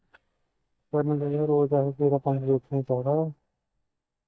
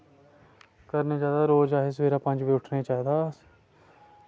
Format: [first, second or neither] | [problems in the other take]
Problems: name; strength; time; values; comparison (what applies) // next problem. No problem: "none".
second | noise reduction (neural mask model DeepFilterNet 3)